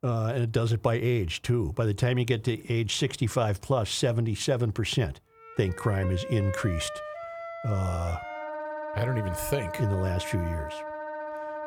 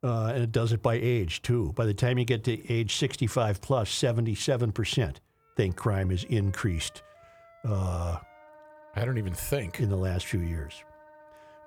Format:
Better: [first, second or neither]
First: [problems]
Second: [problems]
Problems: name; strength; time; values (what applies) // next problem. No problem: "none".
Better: second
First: background music; loud; from 5.5 s on; 9 dB below the speech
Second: background music; faint; from 5.5 s on; 25 dB below the speech